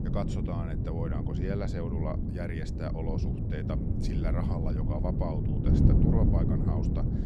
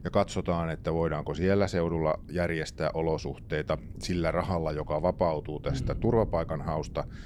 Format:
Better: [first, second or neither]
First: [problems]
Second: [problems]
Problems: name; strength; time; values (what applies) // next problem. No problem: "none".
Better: second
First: wind noise on the microphone; heavy; 1 dB above the speech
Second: wind noise on the microphone; occasional gusts; 25 dB below the speech